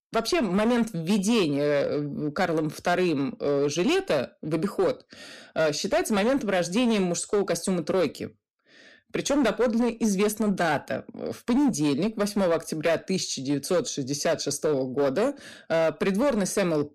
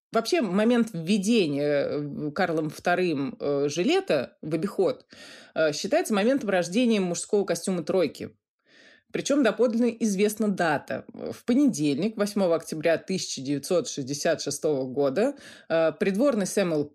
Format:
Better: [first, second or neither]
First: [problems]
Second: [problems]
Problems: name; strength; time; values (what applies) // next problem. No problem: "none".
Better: second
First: distortion; slight; 11% of the sound clipped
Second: none